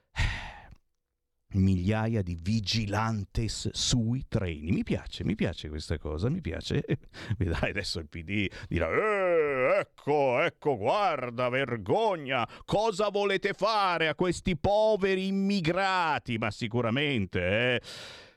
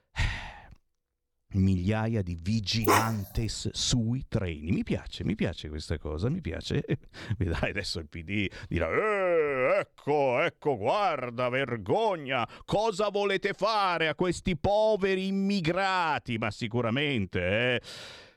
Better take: first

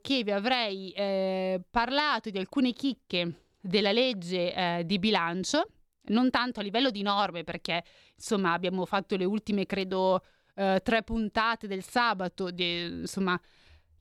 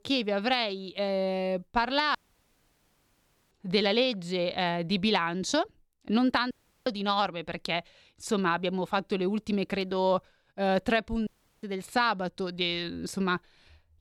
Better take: first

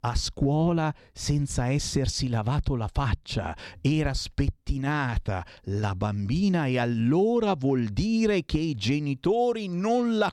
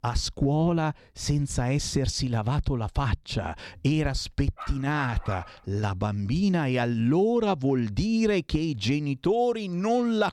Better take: first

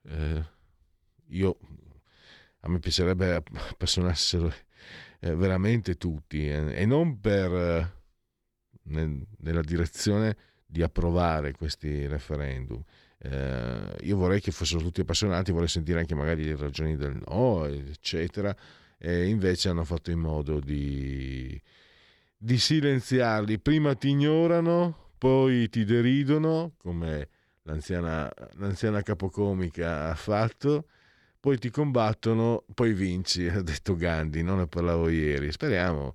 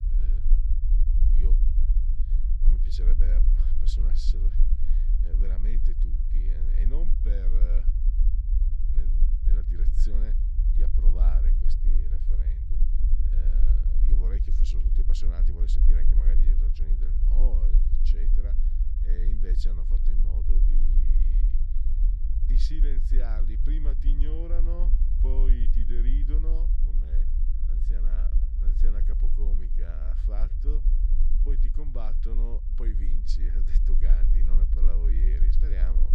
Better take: first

